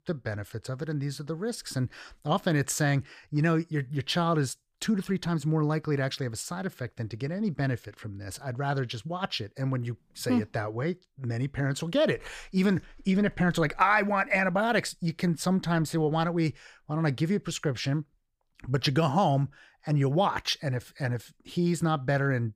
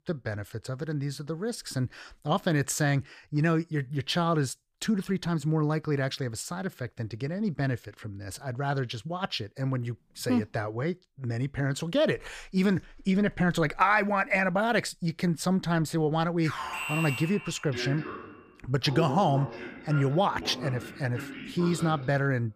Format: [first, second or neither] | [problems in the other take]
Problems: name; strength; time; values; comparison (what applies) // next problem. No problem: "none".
first | alarm; noticeable; from 16 s on; peak 3 dB below the speech